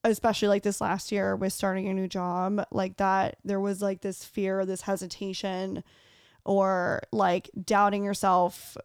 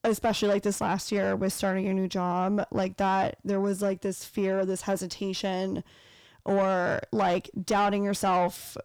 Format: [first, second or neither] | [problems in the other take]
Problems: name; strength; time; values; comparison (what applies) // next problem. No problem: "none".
first | distortion; slight; 10 dB below the speech